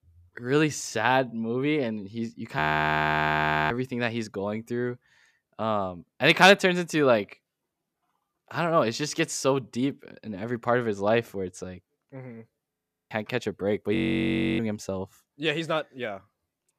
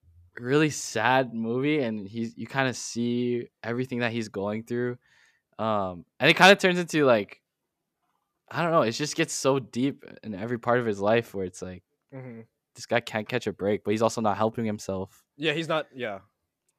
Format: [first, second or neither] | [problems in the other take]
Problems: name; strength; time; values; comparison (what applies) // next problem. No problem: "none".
second | audio freezing; at 2.5 s for 1 s, at 13 s and at 14 s for 0.5 s